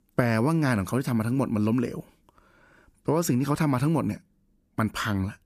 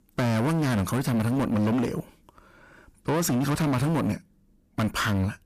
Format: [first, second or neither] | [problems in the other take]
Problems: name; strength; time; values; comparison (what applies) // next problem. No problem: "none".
first | distortion; heavy; 23% of the sound clipped